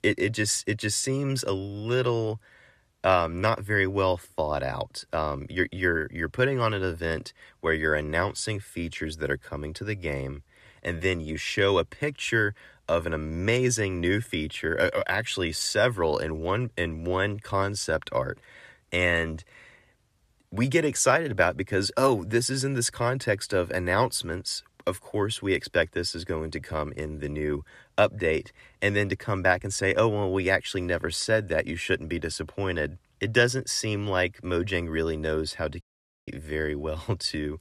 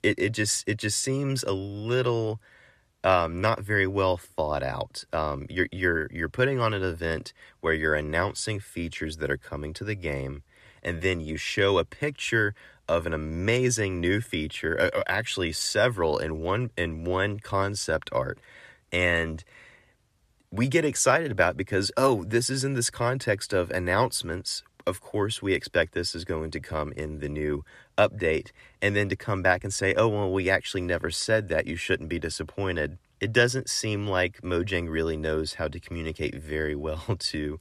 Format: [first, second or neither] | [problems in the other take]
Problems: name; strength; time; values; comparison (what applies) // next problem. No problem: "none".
second | audio cutting out; at 36 s